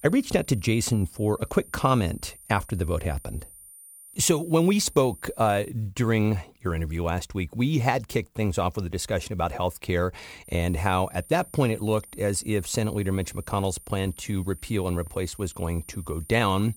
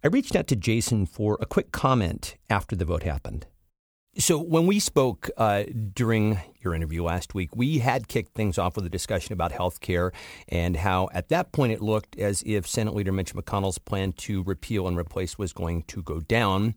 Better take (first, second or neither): second